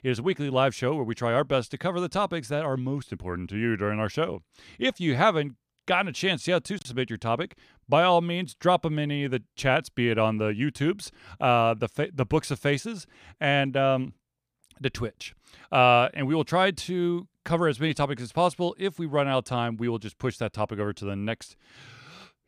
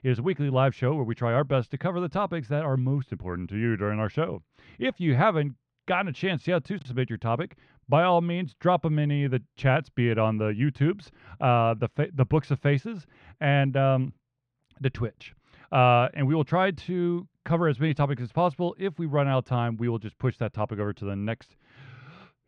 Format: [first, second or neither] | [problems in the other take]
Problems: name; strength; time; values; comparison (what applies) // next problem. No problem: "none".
first | muffled; slightly; fading above 2.5 kHz